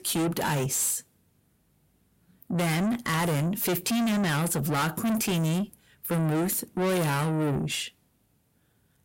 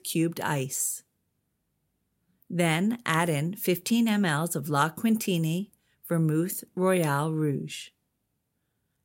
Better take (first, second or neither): second